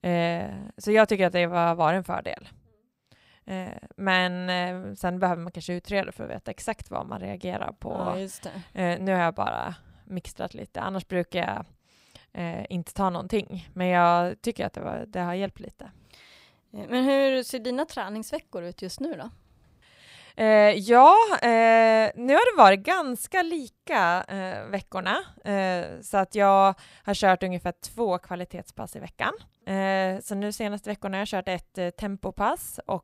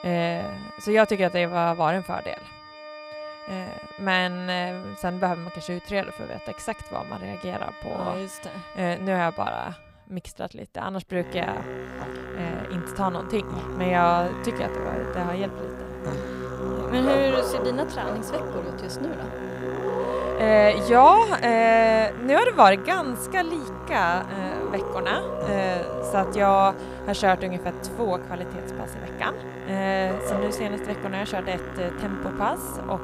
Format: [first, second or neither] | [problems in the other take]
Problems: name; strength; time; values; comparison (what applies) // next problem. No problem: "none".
first | background music; loud; throughout; 9 dB below the speech